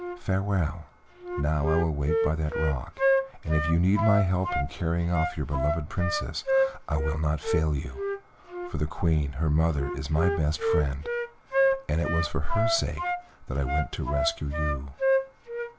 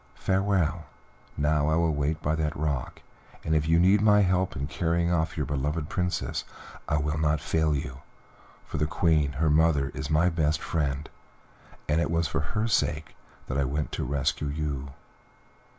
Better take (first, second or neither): second